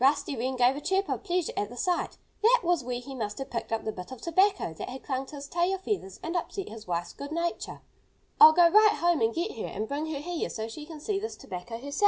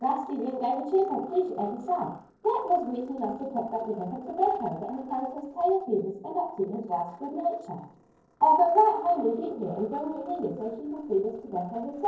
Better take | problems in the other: first | noise reduction (neural separator model SepFormer DNS4)

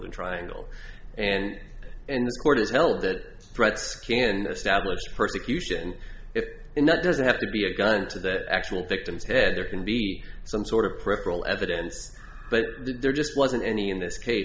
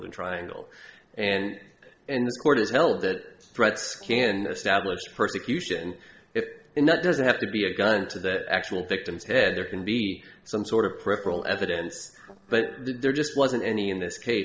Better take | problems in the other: first | noise reduction (neural separator model SepFormer DNS4)

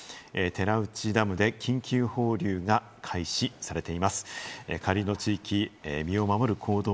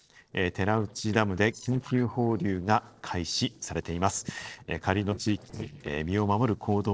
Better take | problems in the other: first | noise reduction (neural separator model SepFormer DNS4)

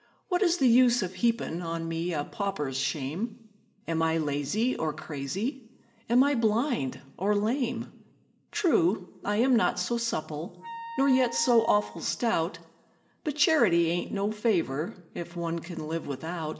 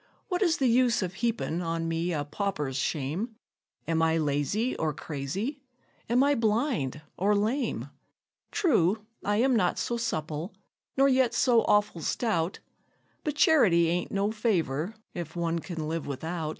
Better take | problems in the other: second | background sound (Wind instrument, woodwind instrument); 16 dB below the speech // room echo; dies away in 0.6 s

